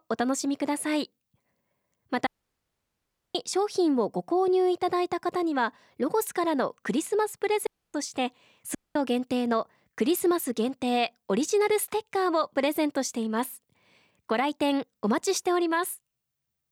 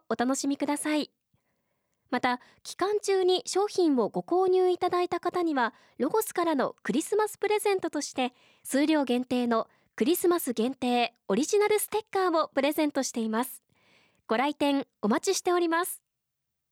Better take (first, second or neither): second